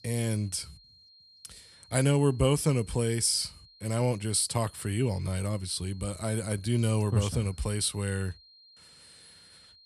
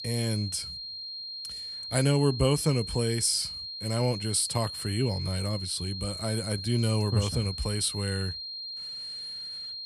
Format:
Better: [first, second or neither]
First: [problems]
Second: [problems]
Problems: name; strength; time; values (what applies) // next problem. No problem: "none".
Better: first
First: high-pitched whine; faint; throughout; 4 kHz, 25 dB below the speech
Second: high-pitched whine; loud; throughout; 4 kHz, 7 dB below the speech